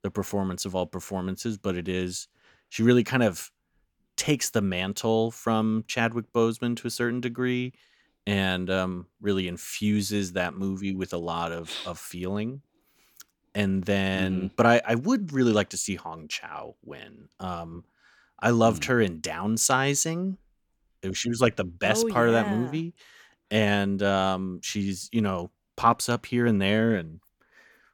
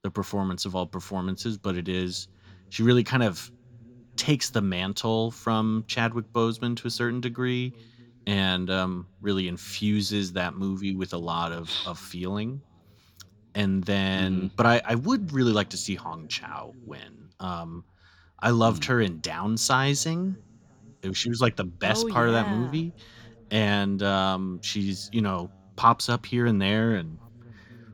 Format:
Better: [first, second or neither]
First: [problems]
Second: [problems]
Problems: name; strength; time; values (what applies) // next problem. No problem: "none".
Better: first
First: none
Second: room echo; slight; dies away in 3 s